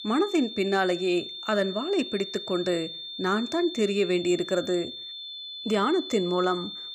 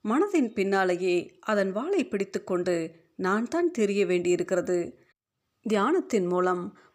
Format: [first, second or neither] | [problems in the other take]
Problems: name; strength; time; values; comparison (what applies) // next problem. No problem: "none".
second | high-pitched whine; loud; throughout; 3.5 kHz, 9 dB below the speech